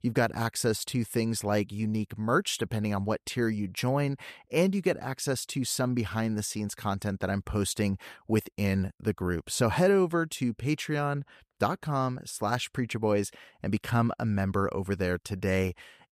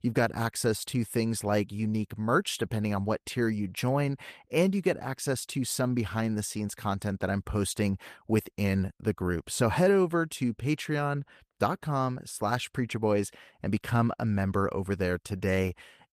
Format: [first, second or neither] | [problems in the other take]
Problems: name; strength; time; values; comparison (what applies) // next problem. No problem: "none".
first | garbled, watery; slightly; nothing above 14.5 kHz